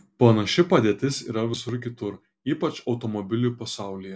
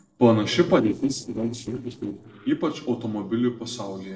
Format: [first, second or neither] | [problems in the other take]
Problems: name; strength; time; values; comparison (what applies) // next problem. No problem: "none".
first | noise reduction (neural separator model SepFormer DNS4)